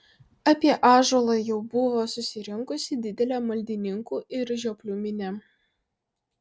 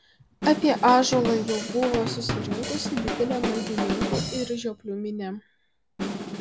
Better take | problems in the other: first | background sound (Drum kit); 5 dB below the speech

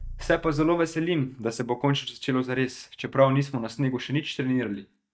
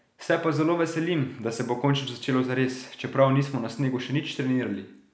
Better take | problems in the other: second | noise reduction (neural mask model DeepFilterNet 3)

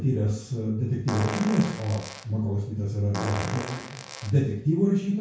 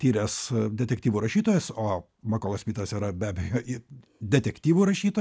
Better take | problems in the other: second | background sound (Fart); 11 dB below the speech // room echo; dies away in 0.6 s

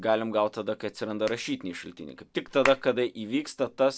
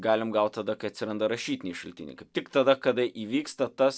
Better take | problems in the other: second | background sound (Hands); 14 dB below the speech

